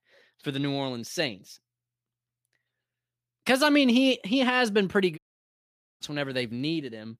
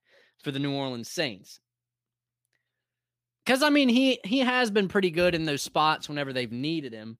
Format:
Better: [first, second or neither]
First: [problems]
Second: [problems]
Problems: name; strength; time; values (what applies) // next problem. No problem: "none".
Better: second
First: audio cutting out; at 5 s for 1 s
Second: none